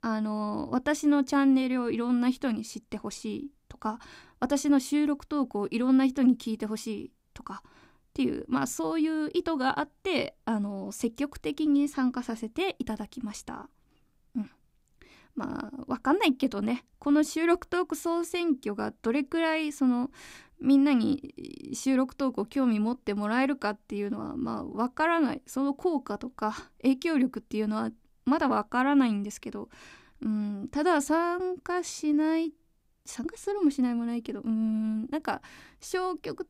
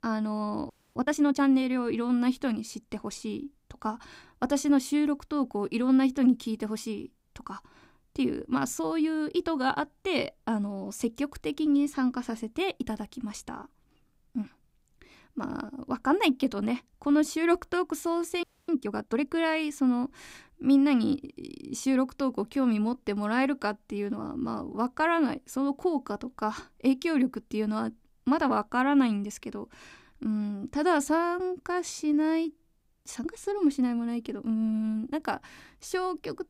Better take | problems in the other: first | audio freezing; at 0.5 s and at 18 s

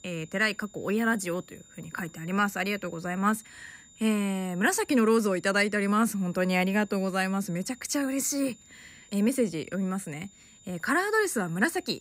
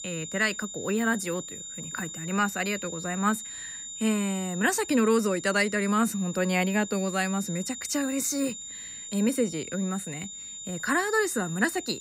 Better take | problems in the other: first | high-pitched whine; loud; throughout; 7 kHz, 9 dB below the speech; faint in the first

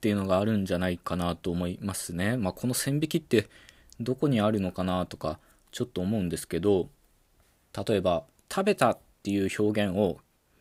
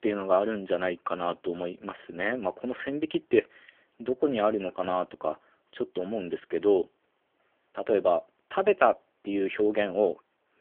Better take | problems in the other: first | phone-call audio; poor line; nothing above 3.5 kHz

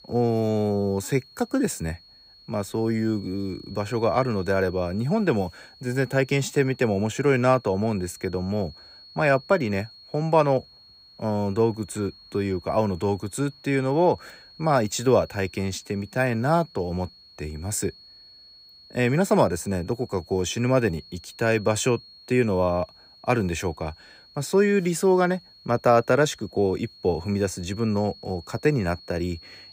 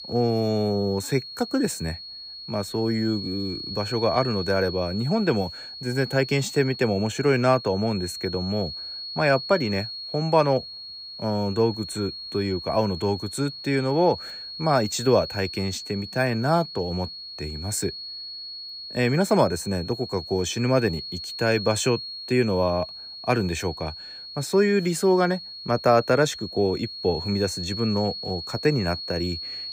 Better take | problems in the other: first | high-pitched whine; loud; throughout; 4.5 kHz, 9 dB below the speech; faint in the first

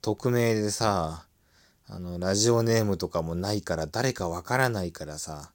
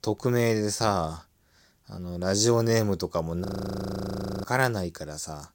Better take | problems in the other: first | audio freezing; at 3.5 s for 1 s

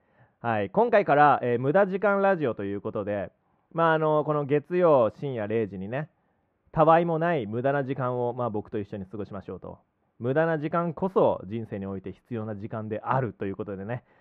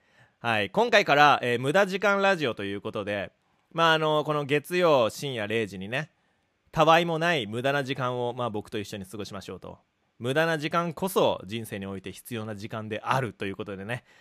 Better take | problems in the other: second | muffled; very; fading above 3.5 kHz

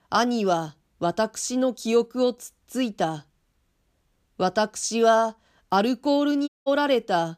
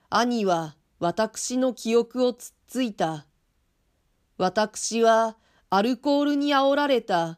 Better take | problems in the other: second | audio cutting out; at 6.5 s

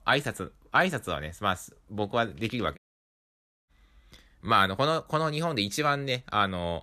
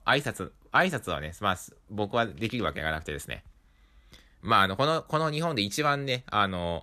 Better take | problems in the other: second | audio cutting out; at 3 s for 1 s

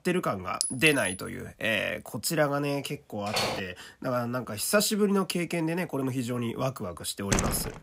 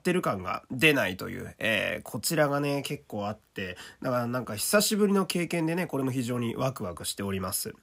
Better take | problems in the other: second | clattering dishes; noticeable; at 0.5 s; peak 1 dB below the speech // door banging; loud; at 3.5 s and at 7.5 s; peak 1 dB above the speech

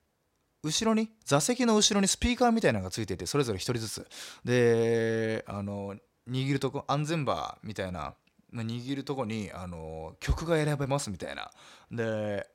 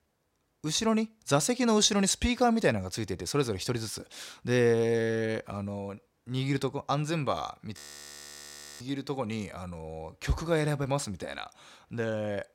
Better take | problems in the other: first | audio freezing; at 8 s for 1 s

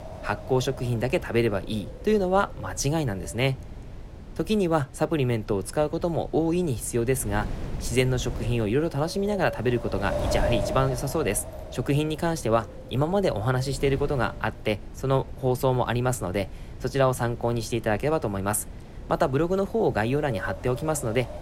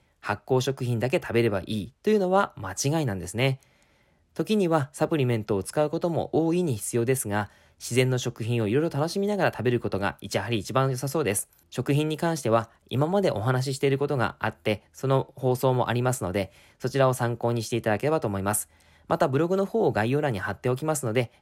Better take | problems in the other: second | wind noise on the microphone; occasional gusts; 10 dB below the speech

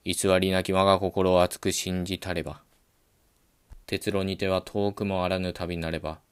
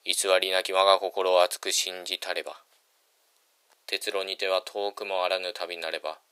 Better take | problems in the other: first | thin; very; fading below 450 Hz

